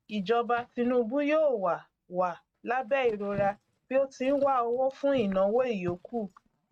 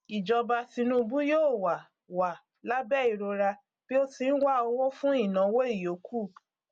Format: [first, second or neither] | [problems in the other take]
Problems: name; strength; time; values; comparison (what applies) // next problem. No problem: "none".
second | noise reduction (neural mask model RNNoise)